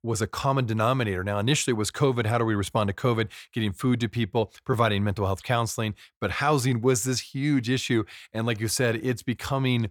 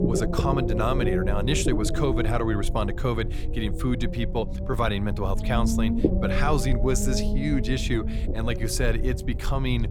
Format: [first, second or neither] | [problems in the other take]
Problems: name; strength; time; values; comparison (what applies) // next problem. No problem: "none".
first | low rumble; loud; throughout; 5 dB below the speech